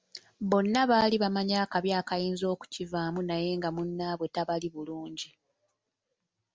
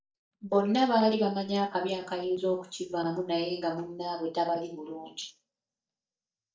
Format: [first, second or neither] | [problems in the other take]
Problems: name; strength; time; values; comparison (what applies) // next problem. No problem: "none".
first | noise reduction (neural mask model DeepFilterNet 3)